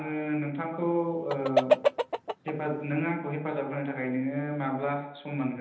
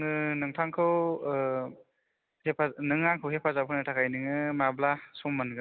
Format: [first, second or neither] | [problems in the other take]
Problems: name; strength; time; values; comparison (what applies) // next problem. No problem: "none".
second | background sound (Chicken, rooster); 2 dB above the speech // room echo; dies away in 0.9 s